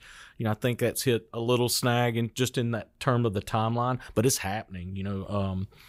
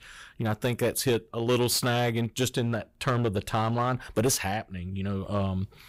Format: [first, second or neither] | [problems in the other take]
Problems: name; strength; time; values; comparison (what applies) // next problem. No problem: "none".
first | distortion; slight; 6% of the sound clipped